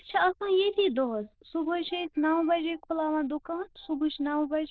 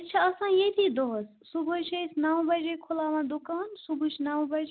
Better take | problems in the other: second | noise reduction (neural diffusion model UNIVERSE++)

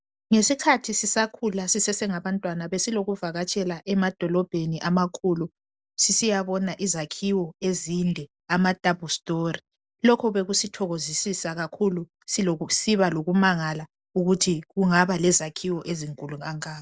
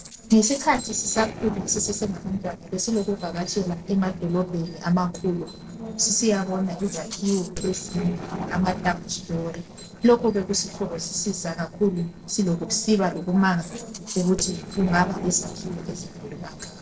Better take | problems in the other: first | noise reduction (neural separator model SepFormer DNS4)

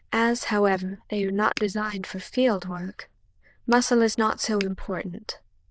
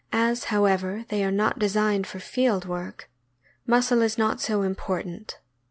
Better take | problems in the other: second | noise reduction (neural diffusion model UNIVERSE++)

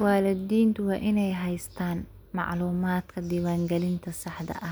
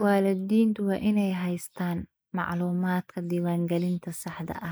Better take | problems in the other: first | noise reduction (neural mask model Resemble Enhance denoiser)

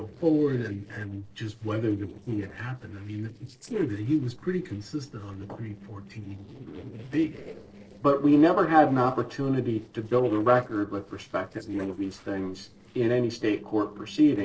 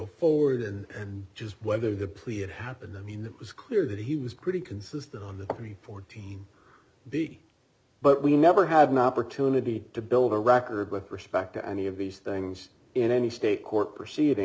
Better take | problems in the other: second | noise reduction (neural separator model SepFormer DNS4)

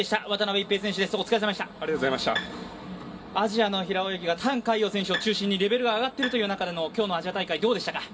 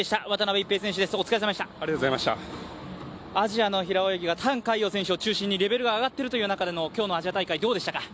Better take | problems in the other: second | background sound (Bowed string instrument); 11 dB below the speech // room echo; dies away in 1.9 s

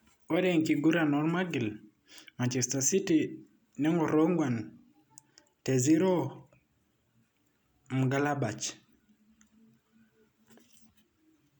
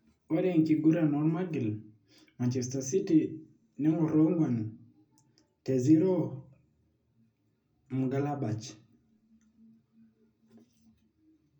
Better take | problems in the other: first | room echo; dies away in 0.4 s

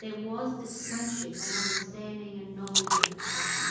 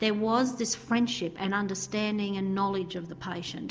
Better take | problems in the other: second | background sound (Camera); 5 dB above the speech // room echo; dies away in 1.1 s

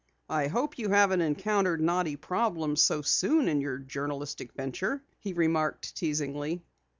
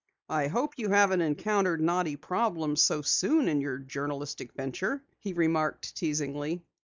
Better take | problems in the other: first | noise reduction (neural mask model Resemble Enhance denoiser)

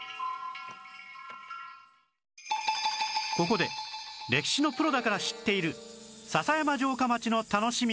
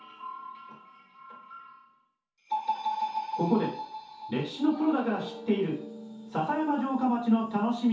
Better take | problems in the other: first | room echo; dies away in 0.5 s

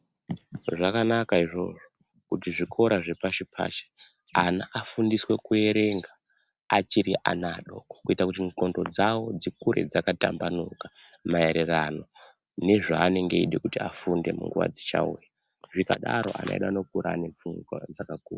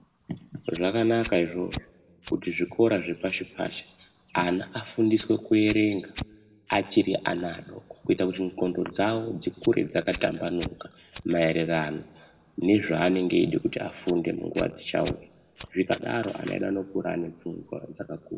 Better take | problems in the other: first | background sound (Fire); 19 dB below the speech // room echo; dies away in 0.9 s

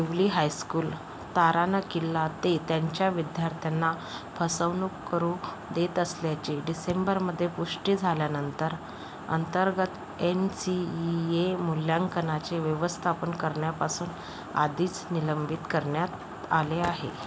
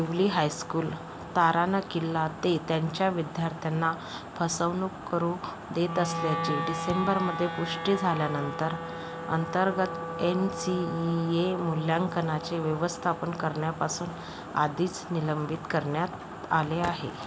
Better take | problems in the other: first | background sound (Wind instrument, woodwind instrument); 10 dB below the speech

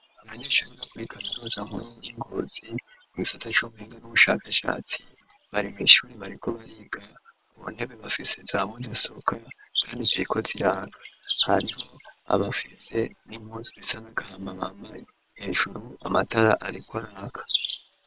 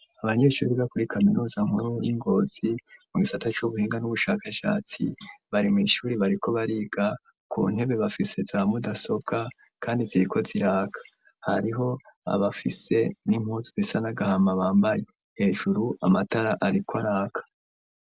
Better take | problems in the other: second | noise reduction (neural separator model SepFormer WHAM!)

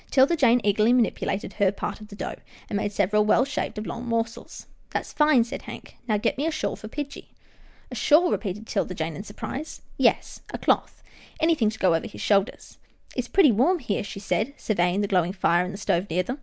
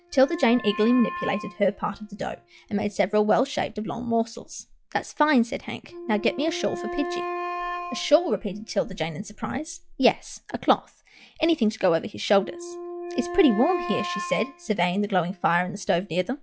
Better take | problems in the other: first | noise reduction (classical method log-MMSE)

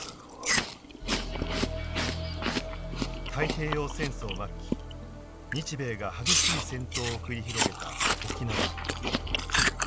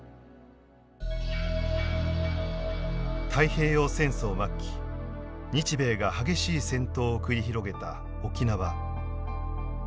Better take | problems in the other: second | background sound (Chewing, mastication); 3 dB above the speech

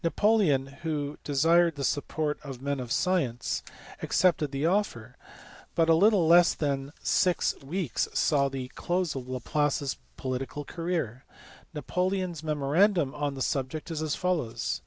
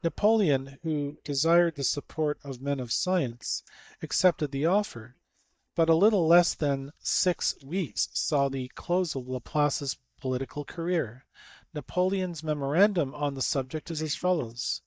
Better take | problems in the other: first | noise reduction (neural mask model DeepFilterNet 3)

